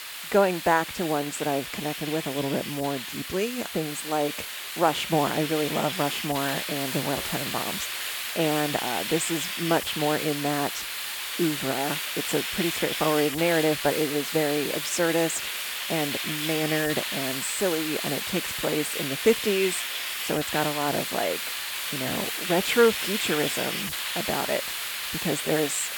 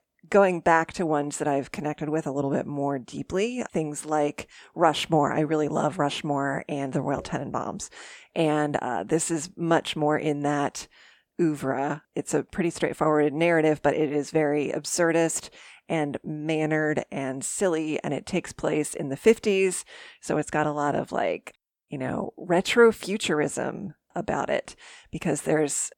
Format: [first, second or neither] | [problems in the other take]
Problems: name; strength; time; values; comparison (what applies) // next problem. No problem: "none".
second | hiss; loud; throughout; 2 dB below the speech